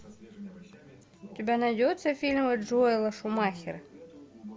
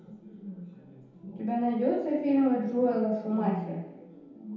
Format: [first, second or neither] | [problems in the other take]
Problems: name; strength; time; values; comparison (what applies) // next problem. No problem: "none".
first | room echo; dies away in 0.8 s